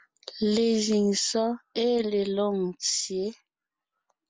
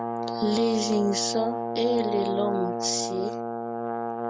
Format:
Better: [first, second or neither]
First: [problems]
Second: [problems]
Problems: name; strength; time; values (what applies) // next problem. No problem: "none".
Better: first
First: none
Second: background sound (Brass instrument); 2 dB below the speech